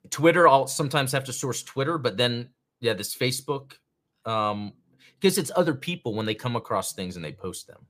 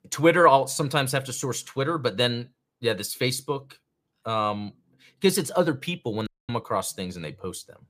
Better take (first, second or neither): first